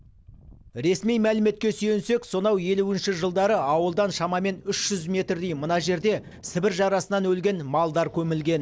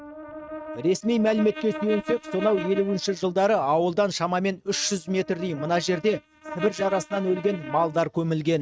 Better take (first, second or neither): first